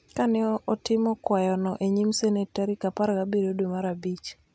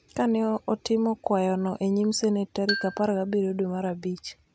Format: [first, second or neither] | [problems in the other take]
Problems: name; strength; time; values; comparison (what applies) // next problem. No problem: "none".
first | background sound (Marimba, xylophone); 10 dB below the speech